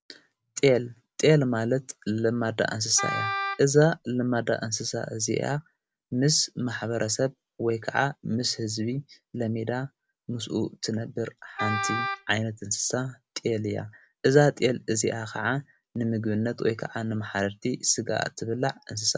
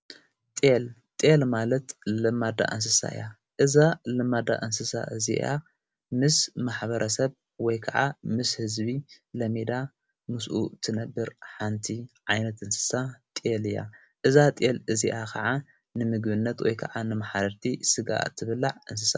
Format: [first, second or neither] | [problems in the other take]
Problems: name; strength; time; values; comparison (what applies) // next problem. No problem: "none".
second | background sound (Wind instrument, woodwind instrument); 5 dB below the speech